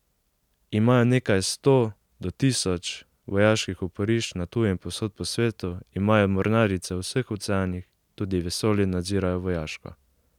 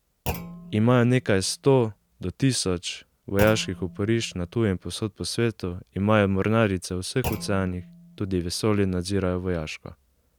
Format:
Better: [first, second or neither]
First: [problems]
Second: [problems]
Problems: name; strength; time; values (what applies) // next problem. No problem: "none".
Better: first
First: none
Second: background sound (Thump, thud); 15 dB below the speech